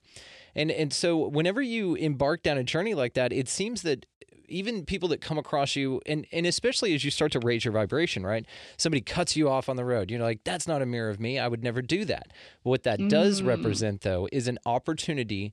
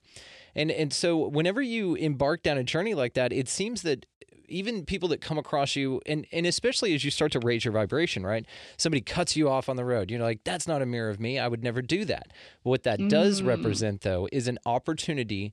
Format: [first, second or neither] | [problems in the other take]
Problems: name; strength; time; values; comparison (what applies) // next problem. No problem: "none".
neither | none